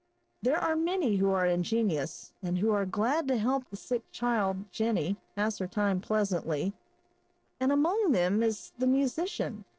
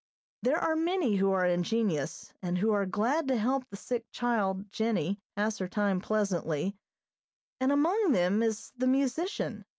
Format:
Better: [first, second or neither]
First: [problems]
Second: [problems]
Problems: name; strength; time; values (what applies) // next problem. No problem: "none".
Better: second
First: noise reduction (neural separator model SepFormer DNS4)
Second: none